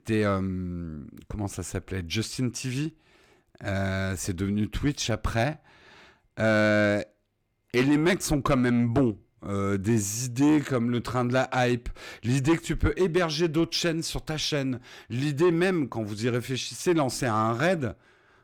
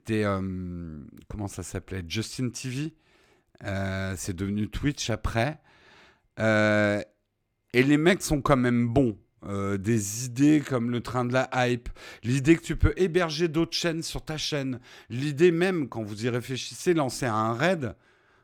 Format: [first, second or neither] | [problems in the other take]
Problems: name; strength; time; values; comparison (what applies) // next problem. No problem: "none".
second | distortion; slight; 10 dB below the speech